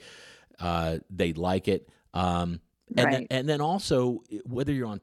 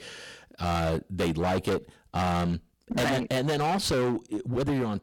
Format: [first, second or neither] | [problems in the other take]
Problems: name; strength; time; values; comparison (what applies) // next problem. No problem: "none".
first | distortion; heavy; 26% of the sound clipped